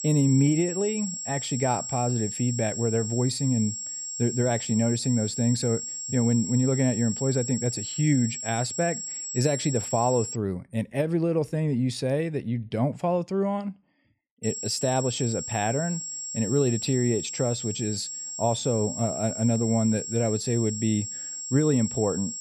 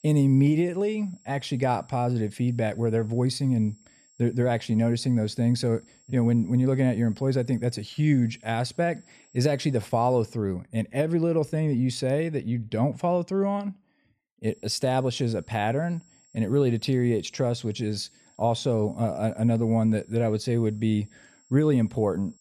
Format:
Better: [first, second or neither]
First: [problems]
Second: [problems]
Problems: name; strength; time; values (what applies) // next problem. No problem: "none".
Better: second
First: high-pitched whine; loud; until 10 s and from 14 s on; 7.5 kHz, 5 dB below the speech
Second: high-pitched whine; faint; until 10 s and from 14 s on; 7.5 kHz, 30 dB below the speech